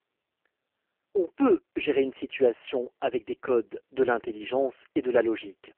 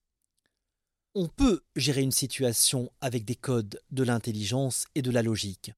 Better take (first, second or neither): second